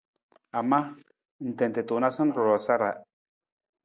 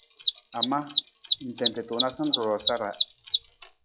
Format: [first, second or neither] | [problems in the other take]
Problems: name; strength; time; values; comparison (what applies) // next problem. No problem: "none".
first | noise reduction (classical method log-MMSE)